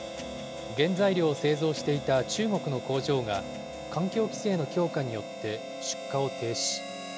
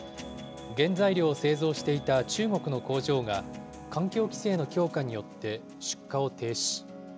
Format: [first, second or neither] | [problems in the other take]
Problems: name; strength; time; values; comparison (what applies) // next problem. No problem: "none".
second | background sound (Harmonica); 11 dB below the speech